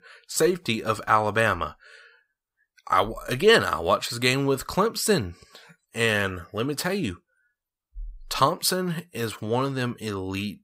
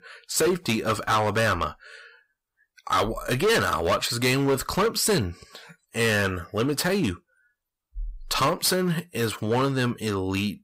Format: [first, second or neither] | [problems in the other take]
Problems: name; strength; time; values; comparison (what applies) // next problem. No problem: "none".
first | distortion; heavy; 9% of the sound clipped